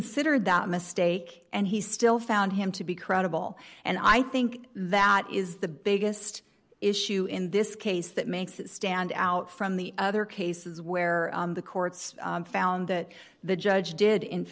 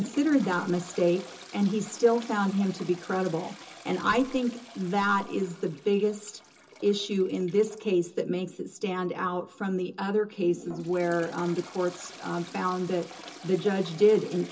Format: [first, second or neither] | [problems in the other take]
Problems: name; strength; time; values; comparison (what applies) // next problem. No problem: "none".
first | background sound (Toilet flush); 19 dB below the speech // room echo; dies away in 0.2 s